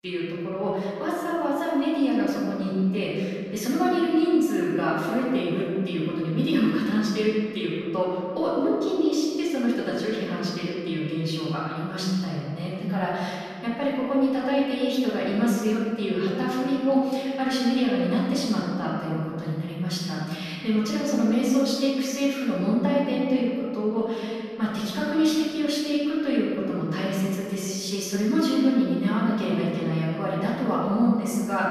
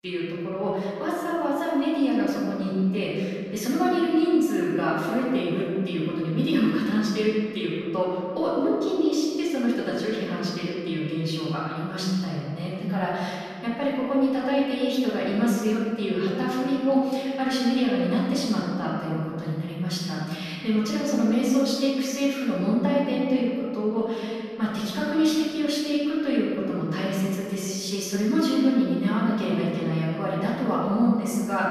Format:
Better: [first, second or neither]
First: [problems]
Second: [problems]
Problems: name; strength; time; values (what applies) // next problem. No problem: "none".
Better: neither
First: room echo; strong; dies away in 2 s // off-mic speech; far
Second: room echo; strong; dies away in 2 s // off-mic speech; far